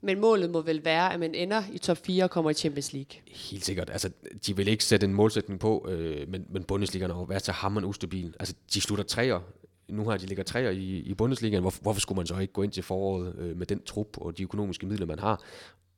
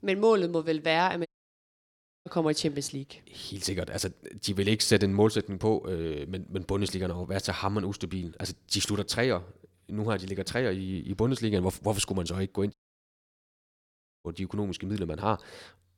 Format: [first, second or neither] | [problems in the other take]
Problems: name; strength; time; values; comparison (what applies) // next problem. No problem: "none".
first | audio cutting out; at 1.5 s for 1 s and at 13 s for 1.5 s